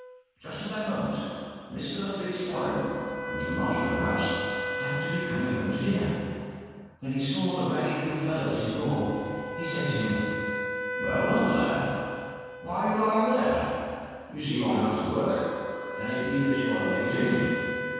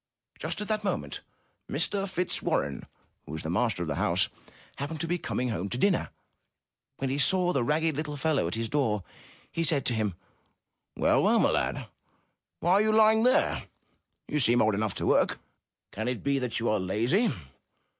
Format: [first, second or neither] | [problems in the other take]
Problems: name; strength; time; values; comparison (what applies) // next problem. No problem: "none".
second | background sound (Wind instrument, woodwind instrument); 7 dB below the speech // room echo; dies away in 2.1 s